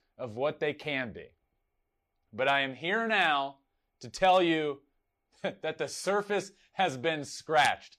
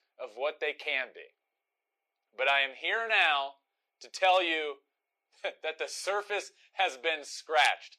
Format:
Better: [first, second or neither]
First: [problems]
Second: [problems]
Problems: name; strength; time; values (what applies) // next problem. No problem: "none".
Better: first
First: none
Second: thin; very; fading below 450 Hz